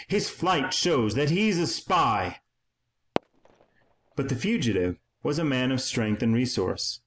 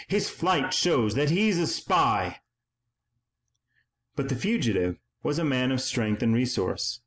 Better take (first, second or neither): second